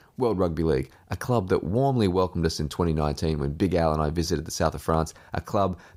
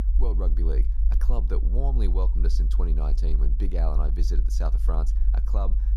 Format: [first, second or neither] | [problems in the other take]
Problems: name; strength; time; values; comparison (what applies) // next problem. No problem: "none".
first | low rumble; loud; throughout; 9 dB below the speech